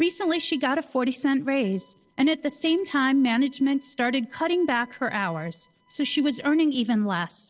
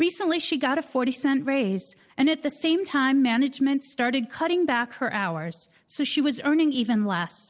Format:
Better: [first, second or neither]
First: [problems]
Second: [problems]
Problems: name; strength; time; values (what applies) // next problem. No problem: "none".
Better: second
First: noise reduction (neural separator model SepFormer DNS4)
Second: none